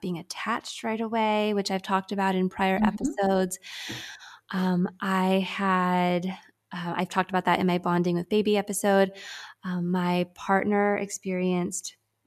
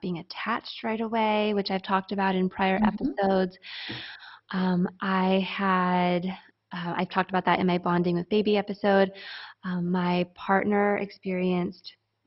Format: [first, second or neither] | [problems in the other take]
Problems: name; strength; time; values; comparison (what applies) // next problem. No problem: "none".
first | garbled, watery; badly; nothing above 5.5 kHz